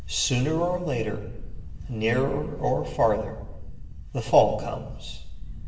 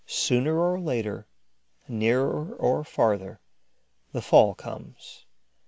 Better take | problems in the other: second | background sound (Wind); 12 dB below the speech // room echo; dies away in 1 s

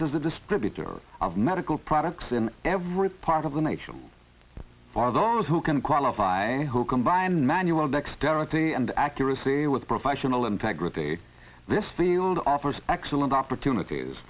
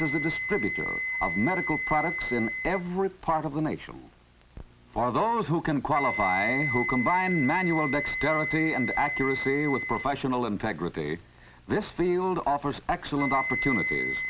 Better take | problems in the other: first | background sound (Wind instrument, woodwind instrument); 5 dB below the speech

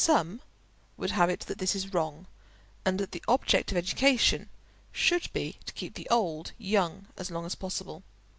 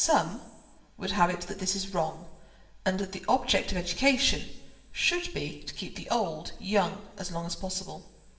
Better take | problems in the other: first | room echo; dies away in 1 s

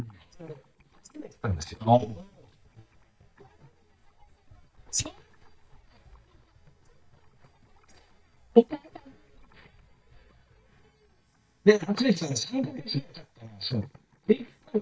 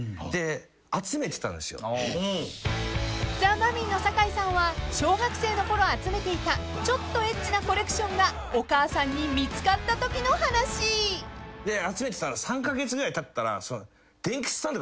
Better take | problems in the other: second | noise reduction (neural mask model DeepFilterNet 3)

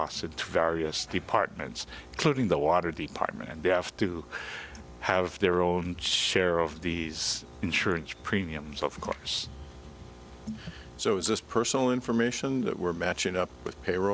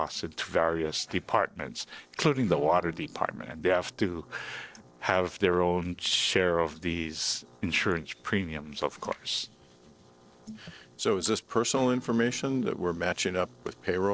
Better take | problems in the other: first | noise reduction (neural separator model SepFormer DNS4)

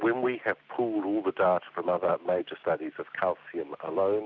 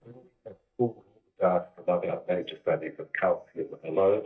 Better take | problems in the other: first | noise reduction (neural mask model DeepFilterNet 3)

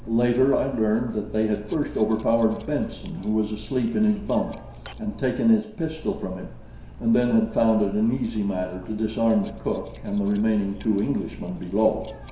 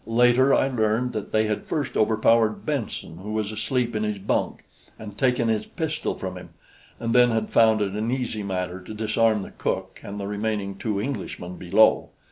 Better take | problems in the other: second | background sound (Cutlery, silverware); 16 dB below the speech // room echo; dies away in 0.7 s

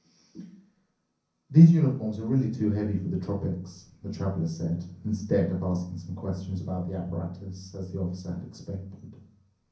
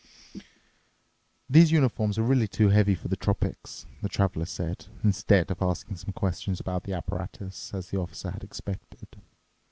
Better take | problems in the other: second | room echo; dies away in 0.6 s

